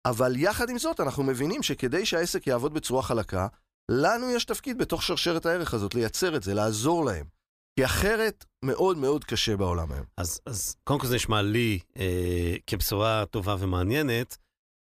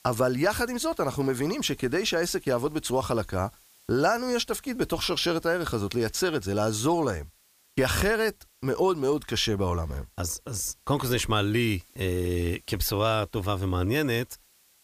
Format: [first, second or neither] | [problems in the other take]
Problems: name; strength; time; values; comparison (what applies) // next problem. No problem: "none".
first | hiss; faint; throughout; 30 dB below the speech